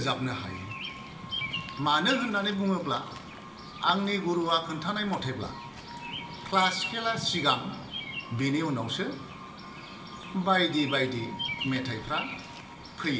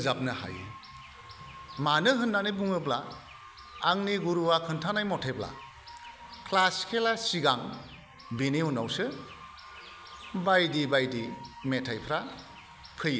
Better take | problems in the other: second | background sound (Bird vocalization, bird call, bird song); 10 dB below the speech // room echo; dies away in 0.3 s

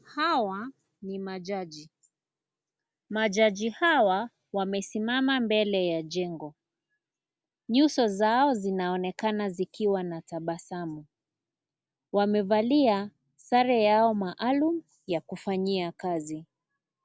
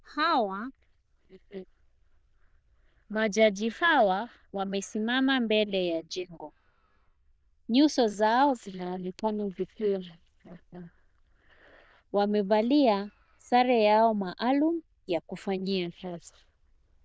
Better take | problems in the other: first | noise reduction (neural diffusion model UNIVERSE++)

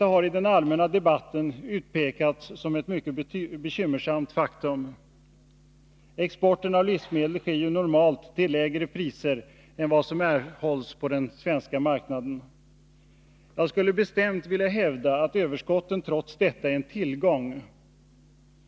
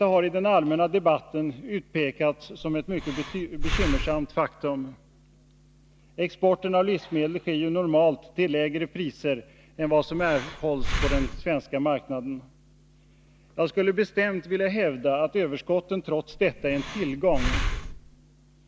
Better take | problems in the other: first | background sound (Breathing); 3 dB below the speech

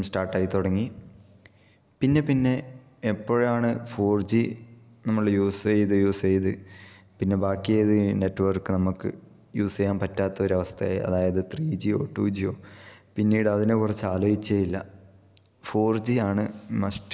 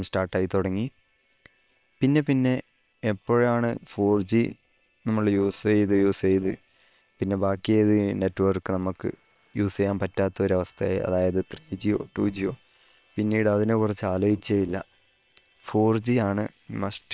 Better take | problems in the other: first | noise reduction (neural separator model SepFormer WHAM!)

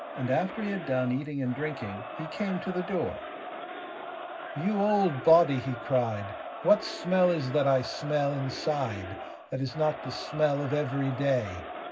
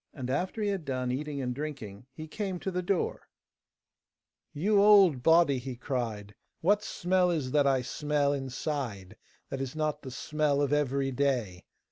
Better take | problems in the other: second | background sound (Crowd); 10 dB below the speech // room echo; dies away in 0.4 s

